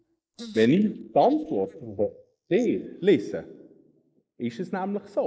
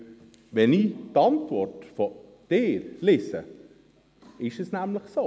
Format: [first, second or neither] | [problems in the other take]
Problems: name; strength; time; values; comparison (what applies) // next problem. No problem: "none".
second | noise reduction (neural mask model Resemble Enhance denoiser)